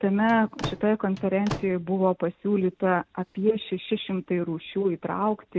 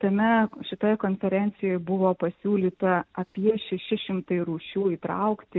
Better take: second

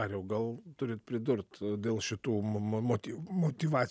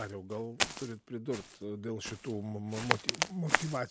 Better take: first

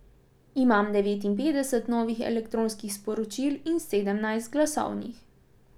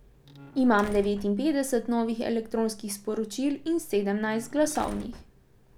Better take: first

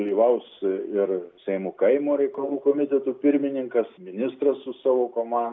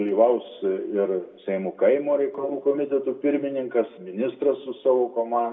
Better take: first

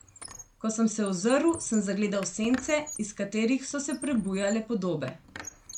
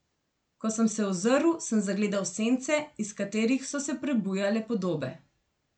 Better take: second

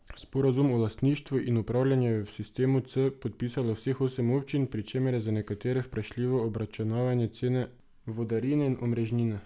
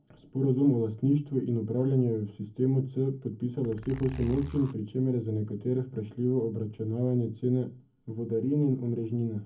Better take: first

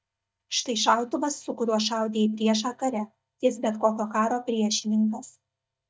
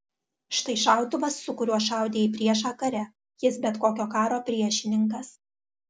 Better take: second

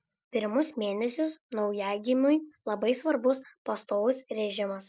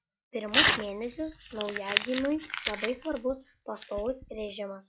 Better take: first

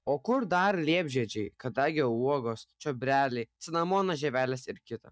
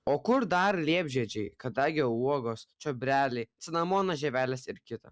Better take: second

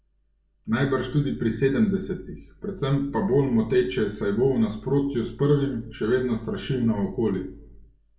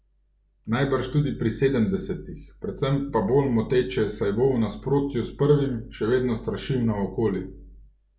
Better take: second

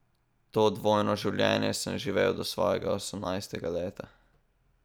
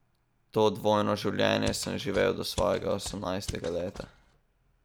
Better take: first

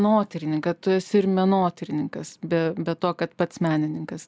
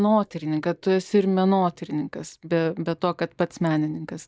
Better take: first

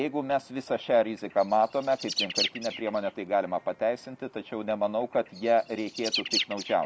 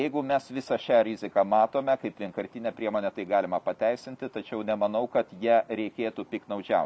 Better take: second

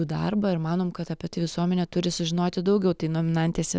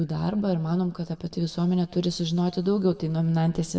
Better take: first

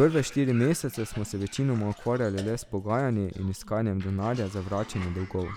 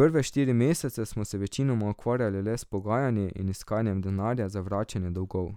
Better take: second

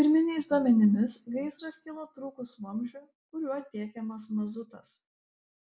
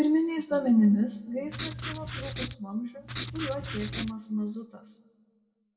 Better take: first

